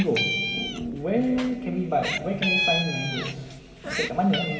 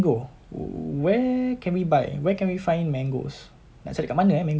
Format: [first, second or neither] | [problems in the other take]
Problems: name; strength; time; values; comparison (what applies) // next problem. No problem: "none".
second | background sound (Meow); 4 dB below the speech // room echo; dies away in 2.1 s